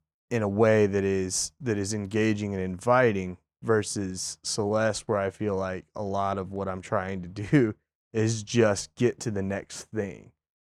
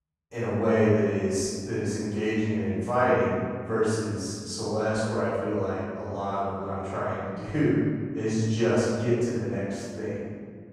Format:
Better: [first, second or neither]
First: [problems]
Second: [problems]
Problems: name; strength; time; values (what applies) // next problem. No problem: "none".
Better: first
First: none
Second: off-mic speech; far // room echo; strong; dies away in 1.9 s